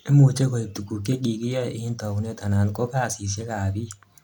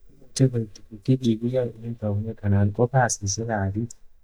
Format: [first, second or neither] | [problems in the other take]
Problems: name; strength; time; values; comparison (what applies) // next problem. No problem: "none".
first | noise reduction (neural mask model DeepFilterNet 3)